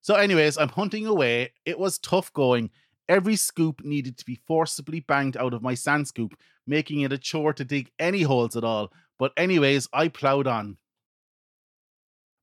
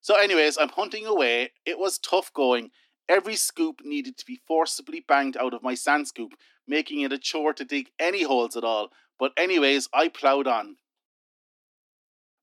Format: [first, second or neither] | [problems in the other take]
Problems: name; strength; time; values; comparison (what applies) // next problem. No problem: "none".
first | thin; very slightly; fading below 250 Hz